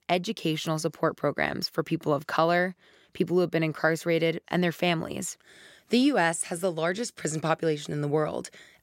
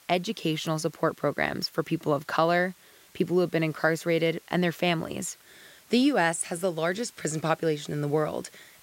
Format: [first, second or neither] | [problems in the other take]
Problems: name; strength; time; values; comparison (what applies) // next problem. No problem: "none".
first | hiss; faint; throughout; 25 dB below the speech